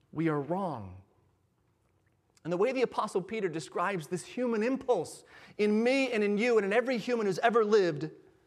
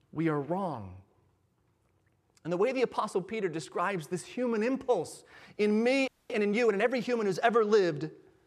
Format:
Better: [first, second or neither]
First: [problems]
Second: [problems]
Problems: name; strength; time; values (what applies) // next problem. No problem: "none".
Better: first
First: none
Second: audio freezing; at 6 s